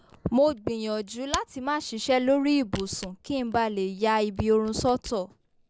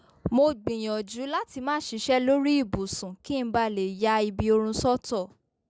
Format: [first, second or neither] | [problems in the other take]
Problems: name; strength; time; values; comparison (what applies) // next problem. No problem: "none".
second | background sound (Camera); 19 dB below the speech